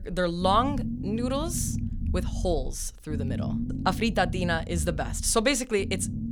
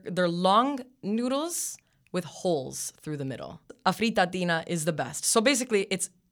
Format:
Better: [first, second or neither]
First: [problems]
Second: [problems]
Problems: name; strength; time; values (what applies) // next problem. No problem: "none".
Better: second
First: low rumble; noticeable; throughout; 15 dB below the speech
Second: none